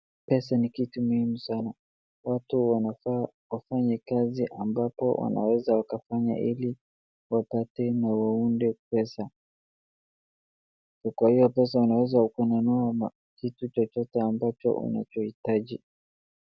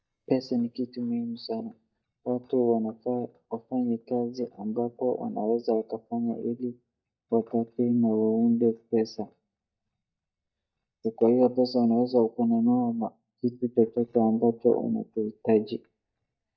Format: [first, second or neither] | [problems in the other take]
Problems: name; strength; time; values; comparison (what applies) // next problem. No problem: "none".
first | noise reduction (neural mask model DeepFilterNet 3)